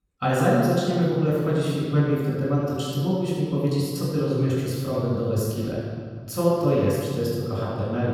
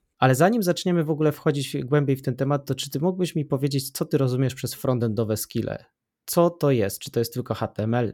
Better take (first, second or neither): second